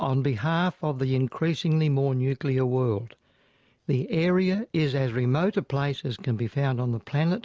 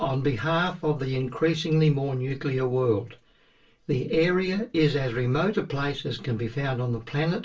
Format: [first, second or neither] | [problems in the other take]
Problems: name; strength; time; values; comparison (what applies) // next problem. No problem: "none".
first | room echo; dies away in 0.2 s